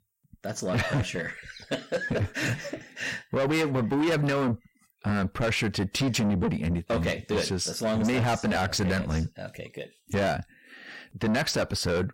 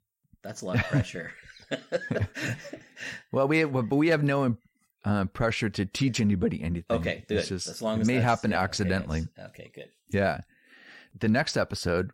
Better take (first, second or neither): second